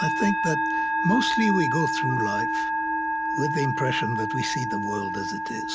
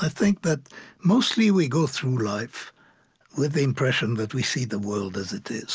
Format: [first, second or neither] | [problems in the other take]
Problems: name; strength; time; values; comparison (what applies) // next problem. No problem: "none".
second | background sound (Musical instrument); 2 dB above the speech